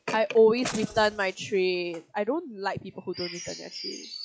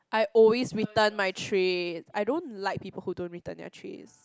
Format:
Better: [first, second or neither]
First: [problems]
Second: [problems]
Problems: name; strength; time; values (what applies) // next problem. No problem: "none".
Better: second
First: noise reduction (classical method log-MMSE)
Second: none